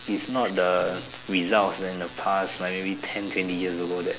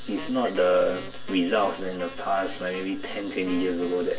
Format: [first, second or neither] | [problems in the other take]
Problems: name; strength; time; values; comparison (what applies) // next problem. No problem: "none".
first | background sound (Wind instrument, woodwind instrument); 17 dB below the speech // room echo; dies away in 0.1 s